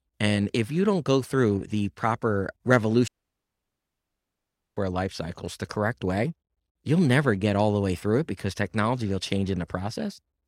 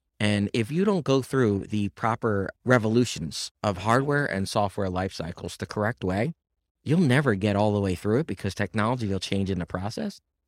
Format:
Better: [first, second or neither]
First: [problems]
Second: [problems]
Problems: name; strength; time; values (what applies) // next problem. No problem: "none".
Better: second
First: audio cutting out; at 3 s for 1.5 s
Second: none